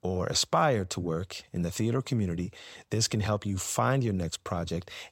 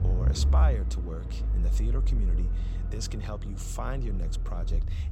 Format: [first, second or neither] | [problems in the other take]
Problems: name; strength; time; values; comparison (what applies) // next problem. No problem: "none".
first | low rumble; loud; throughout; 7 dB below the speech